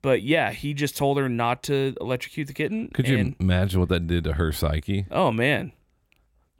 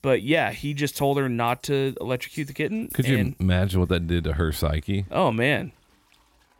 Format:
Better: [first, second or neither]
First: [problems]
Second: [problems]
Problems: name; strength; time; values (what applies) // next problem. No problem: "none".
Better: first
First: none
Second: household noises; faint; throughout; 20 dB below the speech